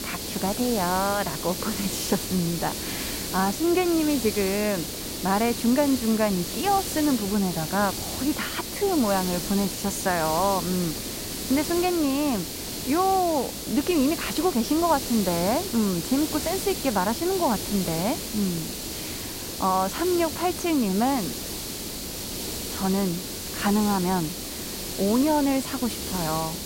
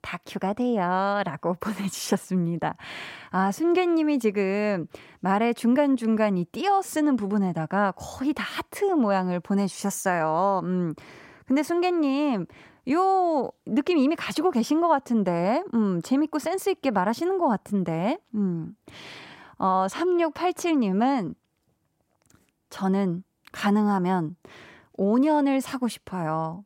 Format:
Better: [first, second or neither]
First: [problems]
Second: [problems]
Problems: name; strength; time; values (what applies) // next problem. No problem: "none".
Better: second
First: hiss; loud; throughout; 5 dB below the speech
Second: none